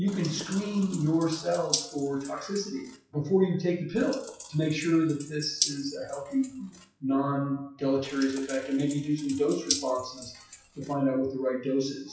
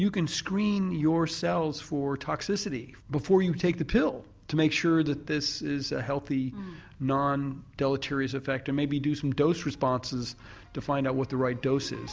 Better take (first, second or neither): second